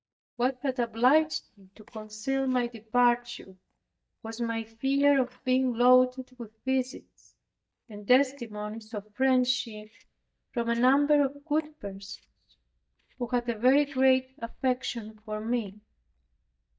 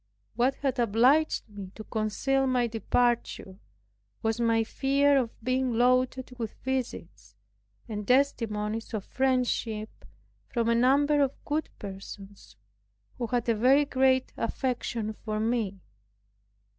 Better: second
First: noise reduction (neural mask model DeepFilterNet 3)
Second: none

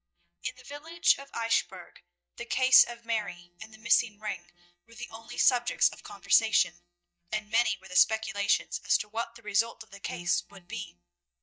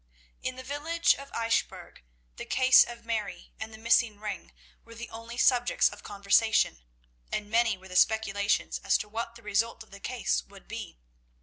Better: second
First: noise reduction (neural mask model DeepFilterNet 3)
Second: none

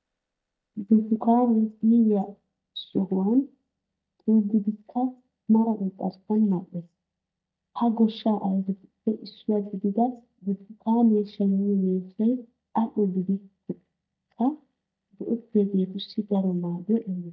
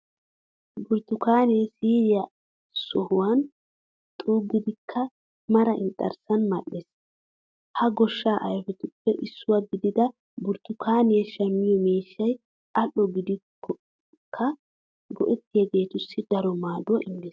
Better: second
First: noise reduction (neural mask model DeepFilterNet 3)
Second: none

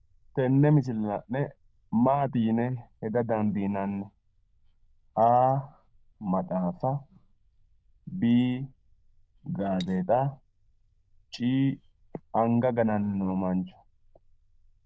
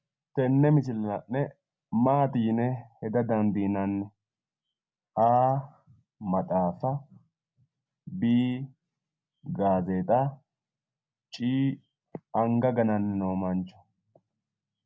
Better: second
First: noise reduction (neural diffusion model UNIVERSE++)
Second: none

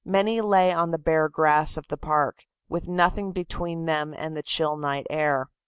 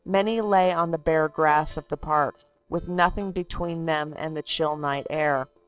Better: first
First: none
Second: noise reduction (neural separator model SepFormer DNS4)

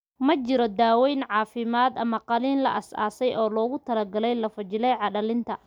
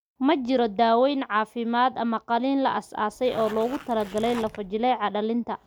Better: first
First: none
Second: background sound (Zipper (clothing)); 17 dB below the speech

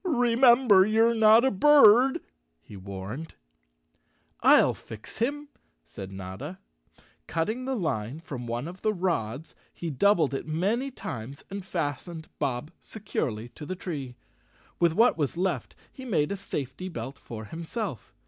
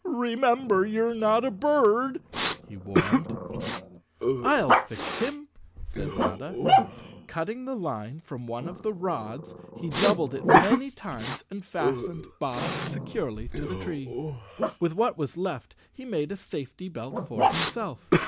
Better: first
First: none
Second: background sound (Respiratory sounds + Growling); 1 dB above the speech

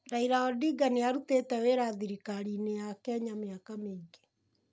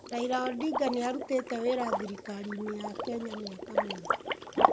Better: first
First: none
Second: background sound (Liquid); as loud as the speech

